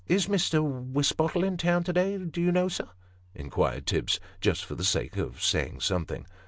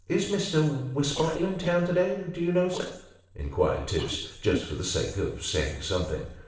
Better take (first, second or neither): first